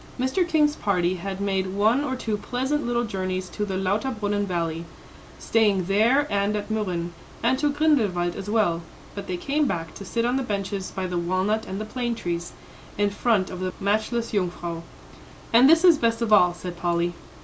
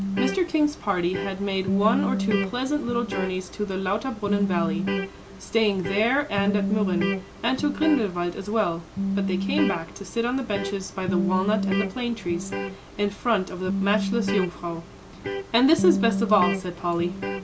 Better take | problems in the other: first | background sound (Electric guitar); 3 dB below the speech

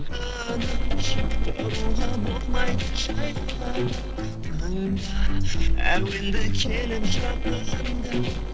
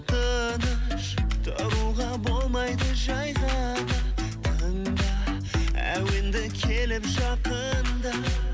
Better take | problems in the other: second | noise reduction (neural separator model SepFormer DNS4)

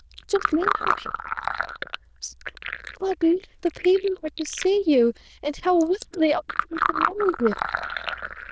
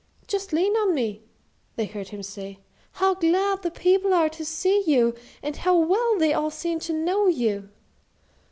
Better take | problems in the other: second | noise reduction (neural diffusion model UNIVERSE++)

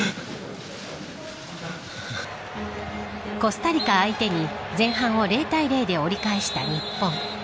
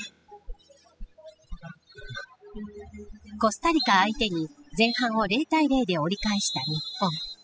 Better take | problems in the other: first | noise reduction (classical method spectral subtraction)

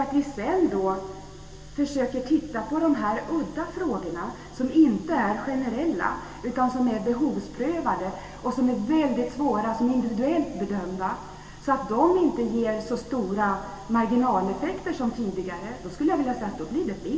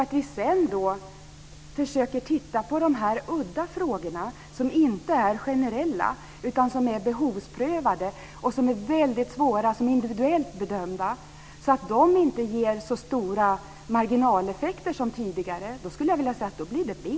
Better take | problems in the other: second | room echo; dies away in 1.9 s

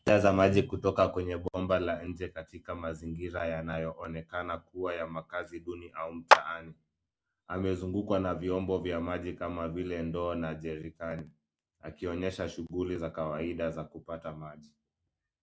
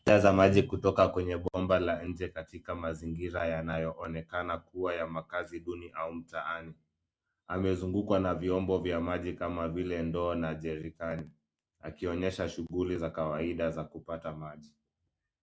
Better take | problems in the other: second | background sound (Clapping); 5 dB above the speech

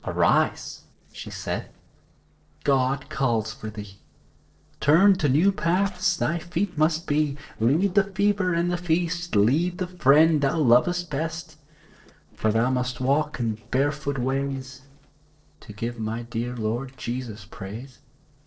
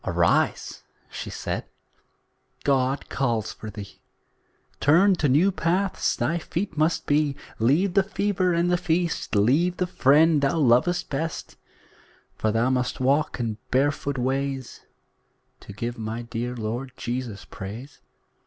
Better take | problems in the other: second | noise reduction (neural separator model SepFormer DNS4)

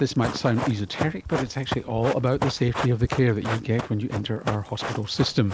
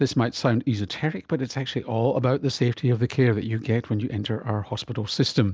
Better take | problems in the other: second | background sound (Run); 8 dB below the speech

